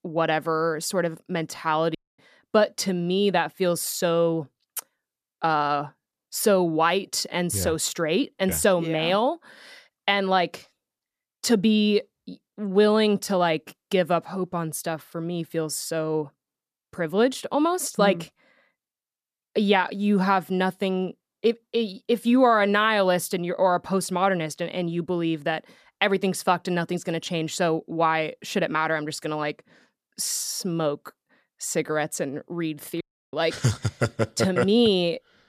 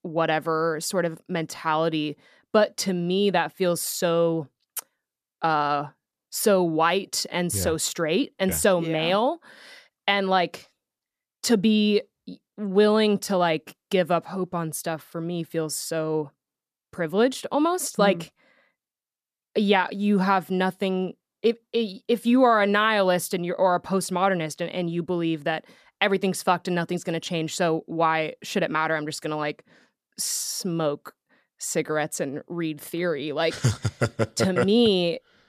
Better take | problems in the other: second | audio cutting out; at 2 s and at 33 s

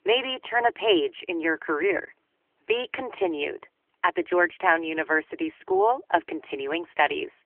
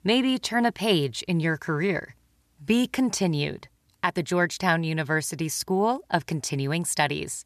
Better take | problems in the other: second | phone-call audio; nothing above 3 kHz

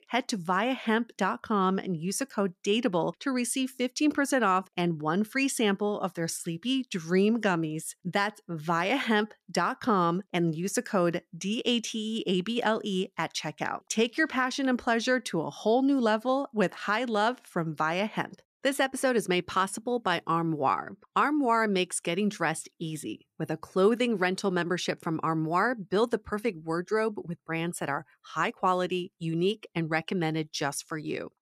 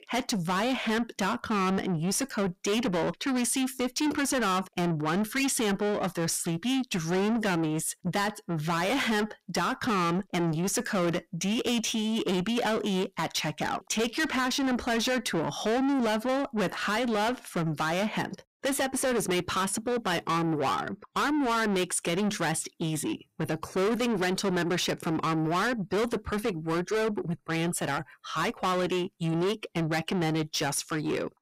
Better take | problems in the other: first | distortion; heavy; 6 dB below the speech

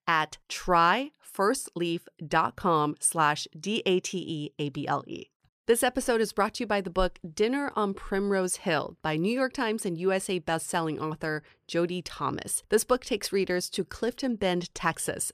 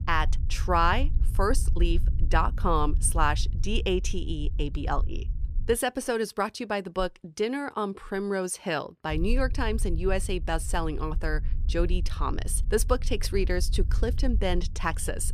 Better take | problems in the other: first | low rumble; faint; until 6 s and from 9 s on; 20 dB below the speech

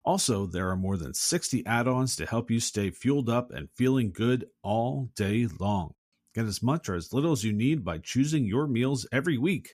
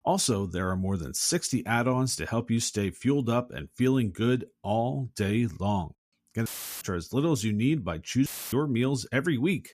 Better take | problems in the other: first | audio cutting out; filled with static; at 6.5 s and at 8.5 s

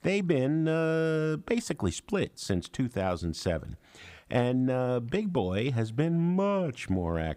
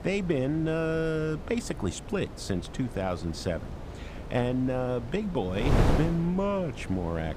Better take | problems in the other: first | wind noise on the microphone; heavy; 8 dB below the speech

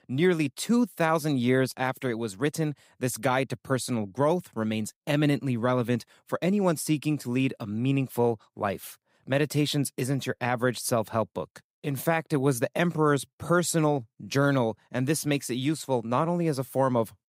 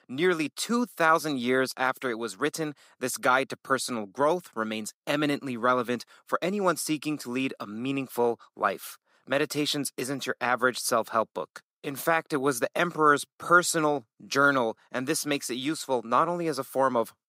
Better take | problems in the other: first | thin; somewhat; fading below 300 Hz

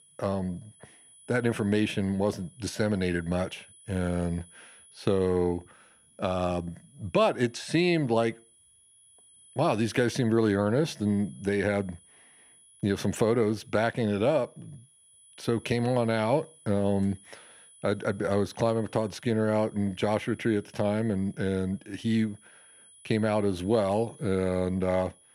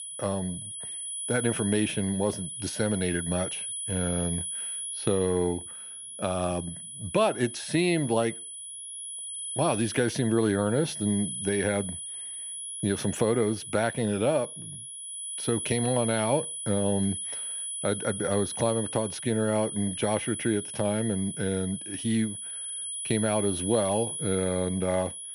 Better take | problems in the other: first | high-pitched whine; loud; throughout; 10.5 kHz, 5 dB below the speech; faint in the first

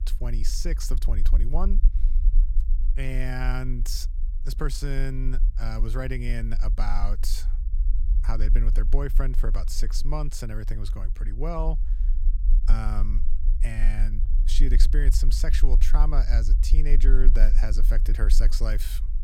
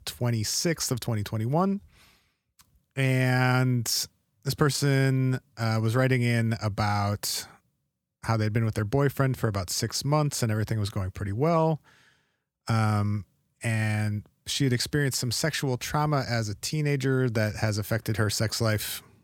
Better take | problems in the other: second | low rumble; noticeable; throughout; 15 dB below the speech

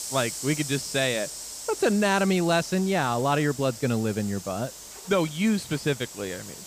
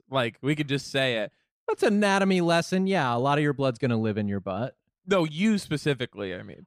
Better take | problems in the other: second | hiss; noticeable; throughout; 10 dB below the speech

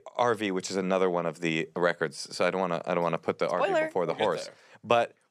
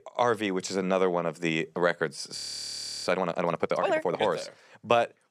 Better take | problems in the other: first | audio freezing; at 2.5 s for 0.5 s

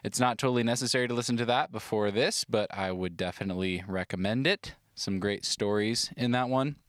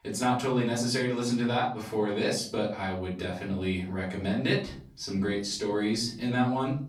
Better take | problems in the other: first | off-mic speech; far // room echo; slight; dies away in 0.4 s

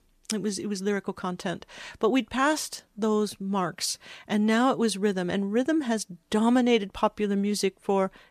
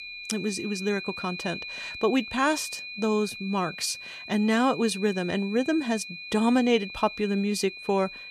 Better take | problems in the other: first | high-pitched whine; loud; throughout; 2.5 kHz, 10 dB below the speech

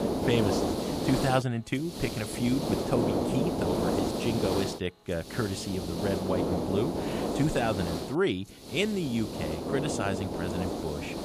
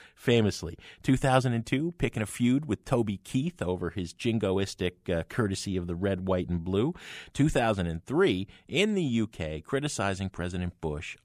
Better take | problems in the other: second | hiss; loud; throughout; as loud as the speech

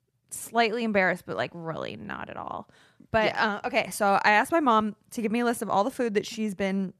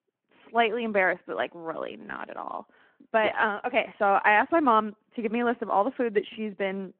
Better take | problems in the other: first | phone-call audio

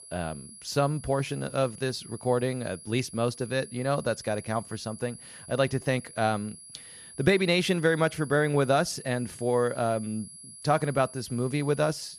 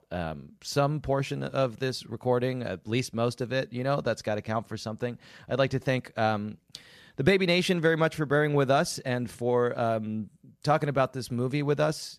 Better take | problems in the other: second | high-pitched whine; noticeable; throughout; 10.5 kHz, 15 dB below the speech

